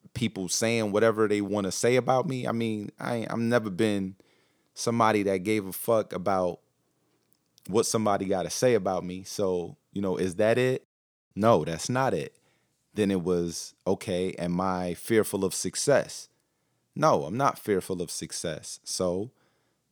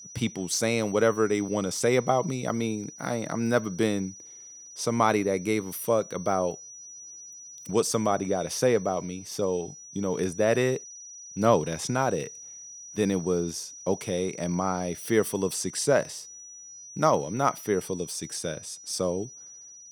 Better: first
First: none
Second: high-pitched whine; noticeable; throughout; 6 kHz, 15 dB below the speech

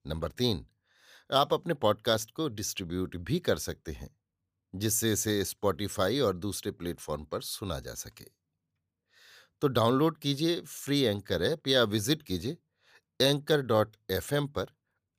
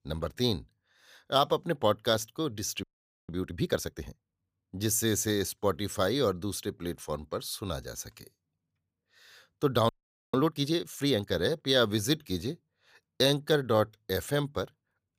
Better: first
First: none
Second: audio freezing; at 3 s and at 10 s

